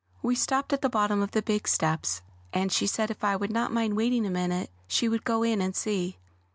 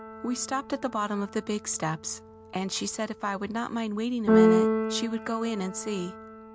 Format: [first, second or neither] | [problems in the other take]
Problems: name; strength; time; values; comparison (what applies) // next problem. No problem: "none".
first | background sound (Keyboard (musical)); 2 dB above the speech